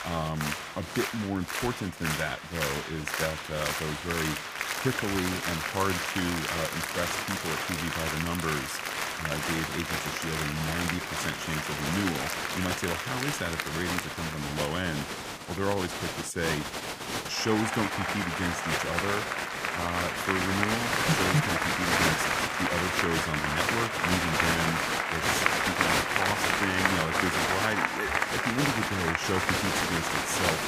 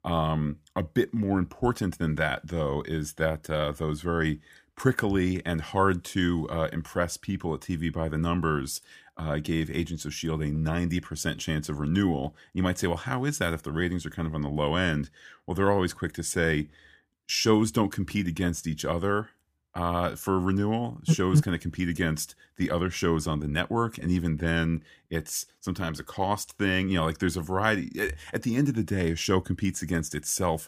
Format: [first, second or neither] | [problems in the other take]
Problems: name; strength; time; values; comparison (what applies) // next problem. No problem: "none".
second | crowd noise; very loud; throughout; 4 dB above the speech